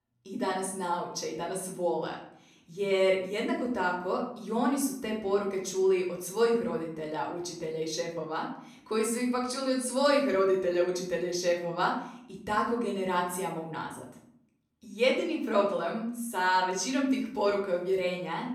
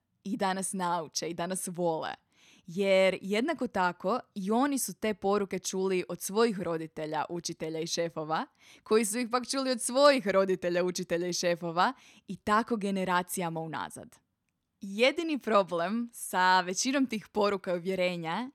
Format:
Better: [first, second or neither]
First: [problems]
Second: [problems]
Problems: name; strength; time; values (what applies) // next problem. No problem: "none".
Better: second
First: off-mic speech; far // room echo; slight; dies away in 0.5 s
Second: none